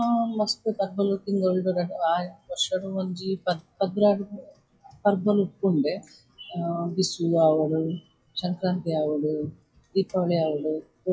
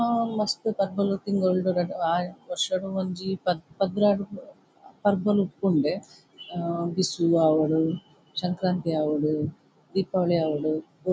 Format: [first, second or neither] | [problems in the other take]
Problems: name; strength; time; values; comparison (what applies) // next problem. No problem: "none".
second | noise reduction (classical method WPE with log-MMSE)